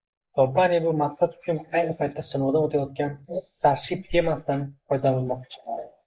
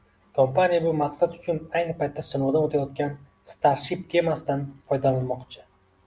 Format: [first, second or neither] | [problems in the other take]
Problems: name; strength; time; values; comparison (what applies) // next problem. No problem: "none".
second | noise reduction (neural mask model Resemble Enhance denoiser)